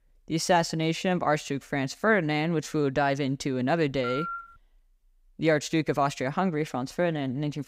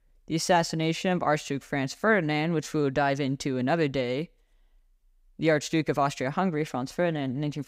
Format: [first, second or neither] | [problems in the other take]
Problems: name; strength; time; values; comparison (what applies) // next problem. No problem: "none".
second | phone ringing; noticeable; at 4 s; peak 7 dB below the speech